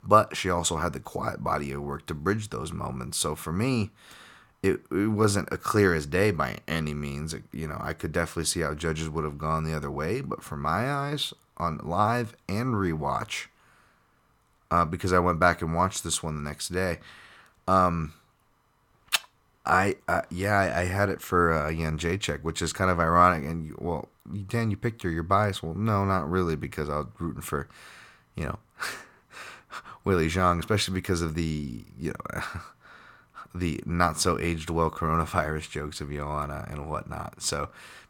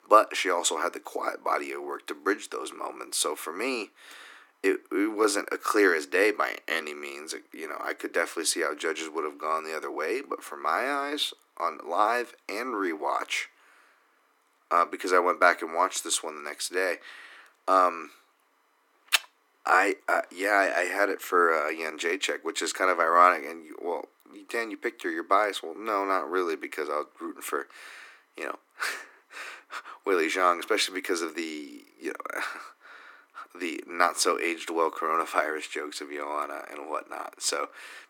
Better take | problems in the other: first | thin; somewhat; fading below 300 Hz

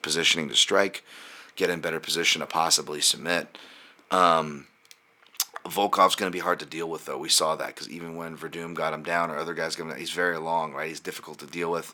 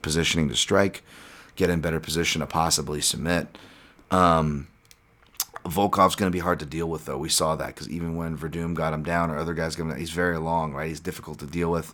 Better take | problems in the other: second | thin; somewhat; fading below 300 Hz

